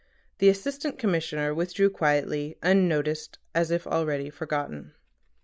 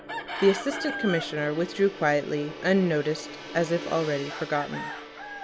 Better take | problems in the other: first | background sound (Gong + Chicken, rooster); 10 dB below the speech

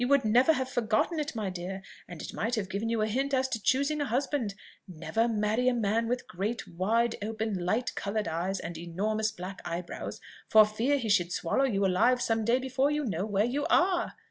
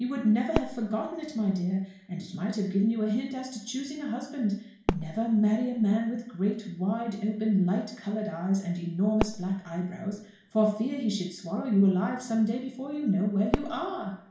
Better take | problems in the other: first | background sound (Fireworks); 12 dB below the speech // room echo; dies away in 0.6 s

